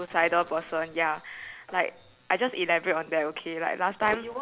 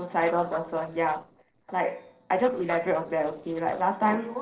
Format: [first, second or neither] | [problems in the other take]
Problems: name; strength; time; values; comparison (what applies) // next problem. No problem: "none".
first | noise reduction (neural separator model SepFormer DNS4)